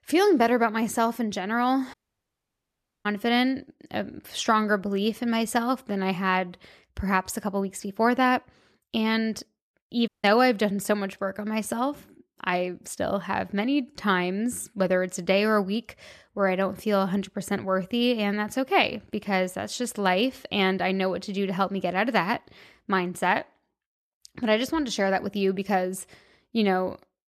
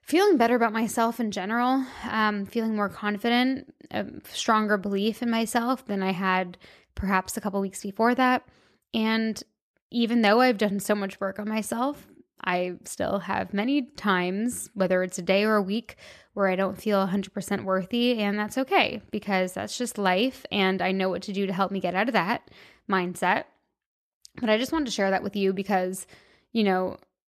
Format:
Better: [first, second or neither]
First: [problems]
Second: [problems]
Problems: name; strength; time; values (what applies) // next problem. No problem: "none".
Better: second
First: audio cutting out; at 2 s for 1 s and at 10 s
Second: none